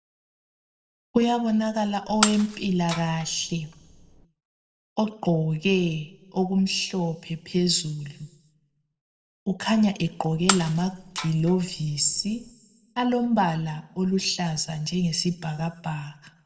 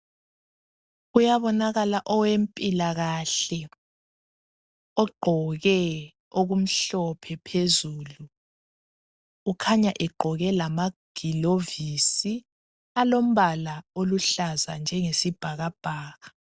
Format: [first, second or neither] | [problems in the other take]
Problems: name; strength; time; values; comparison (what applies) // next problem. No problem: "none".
second | background sound (Shatter); 6 dB below the speech // room echo; dies away in 0.6 s